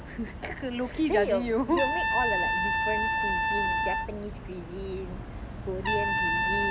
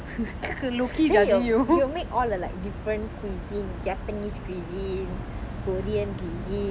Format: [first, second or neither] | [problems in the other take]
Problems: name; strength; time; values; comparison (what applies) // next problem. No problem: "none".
second | background sound (Trumpet); 1 dB above the speech